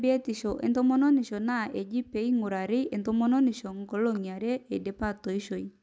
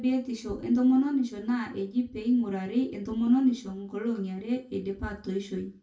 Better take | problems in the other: first | room echo; dies away in 0.3 s

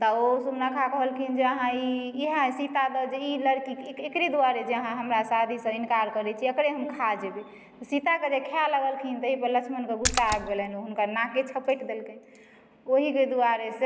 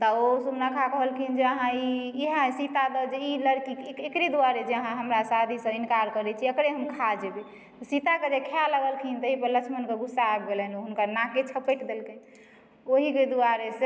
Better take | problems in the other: second | background sound (Splash, splatter); 4 dB below the speech

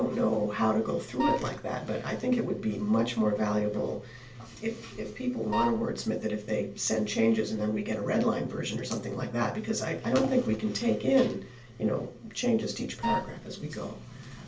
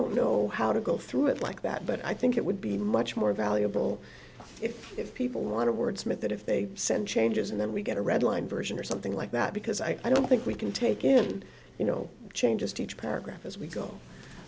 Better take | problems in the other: second | background sound (Wind instrument, woodwind instrument); 3 dB below the speech // room echo; dies away in 0.3 s

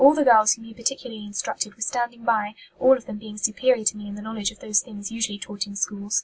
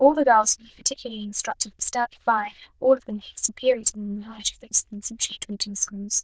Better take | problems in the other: first | noise reduction (neural diffusion model UNIVERSE++)

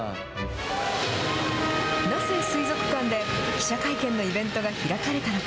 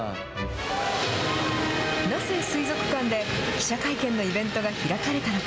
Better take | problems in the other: second | background sound (Wind instrument, woodwind instrument); 6 dB below the speech

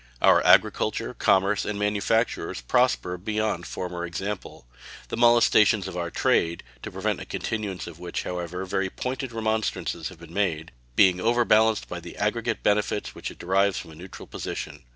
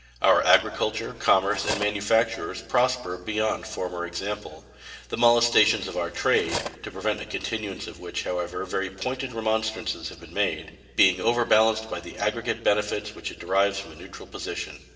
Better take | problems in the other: first | background sound (Cutlery, silverware); 11 dB below the speech // room echo; dies away in 2.9 s

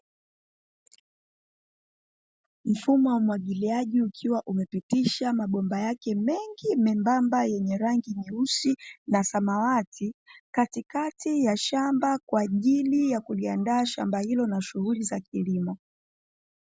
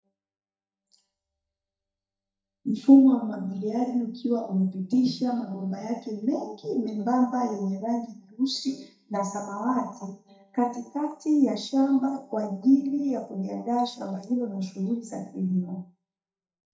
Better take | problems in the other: first | noise reduction (neural mask model DeepFilterNet 3)

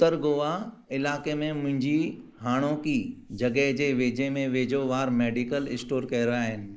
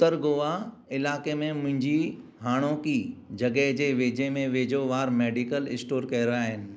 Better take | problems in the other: second | noise reduction (neural mask model Resemble Enhance denoiser)

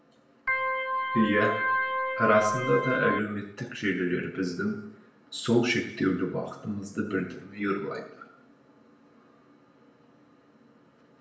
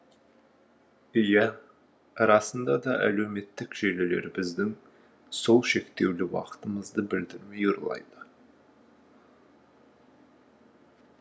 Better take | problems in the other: second | background sound (Organ); 1 dB above the speech // room echo; dies away in 0.8 s

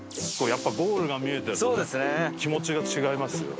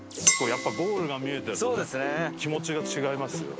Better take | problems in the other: first | background sound (Chink, clink); 2 dB below the speech

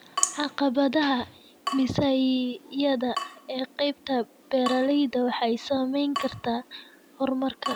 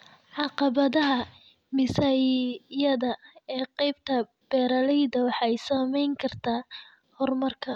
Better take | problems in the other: second | background sound (Drip / Water tap, faucet); 11 dB below the speech

